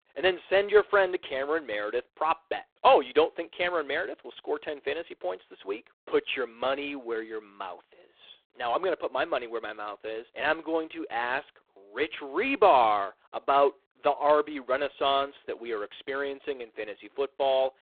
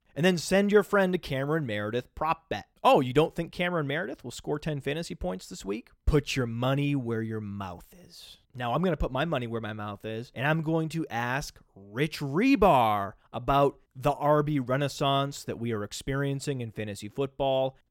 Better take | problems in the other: second | phone-call audio; poor line

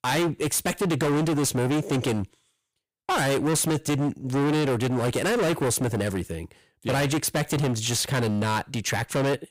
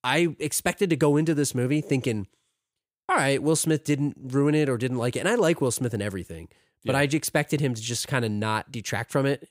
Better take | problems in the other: second | distortion; heavy; 28% of the sound clipped

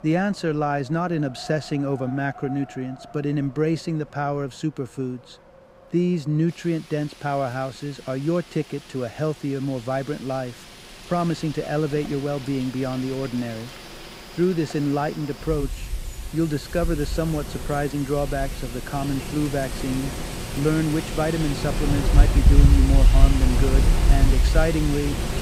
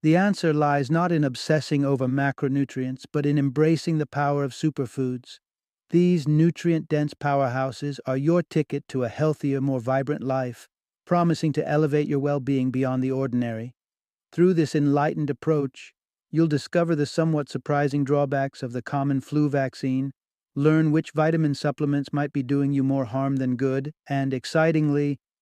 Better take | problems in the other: second | wind in the background; very loud; throughout; 2 dB above the speech

